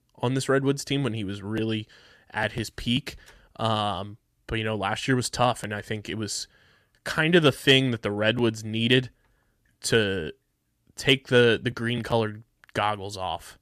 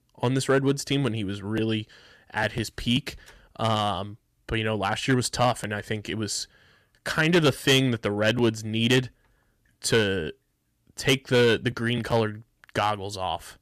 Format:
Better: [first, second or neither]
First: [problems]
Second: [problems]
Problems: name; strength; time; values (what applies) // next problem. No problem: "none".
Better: first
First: none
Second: distortion; slight; 2% of the sound clipped